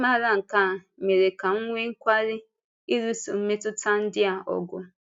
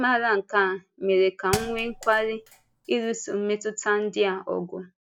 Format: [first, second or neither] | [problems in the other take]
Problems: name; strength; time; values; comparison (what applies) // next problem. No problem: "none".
first | background sound (Thump, thud); 14 dB below the speech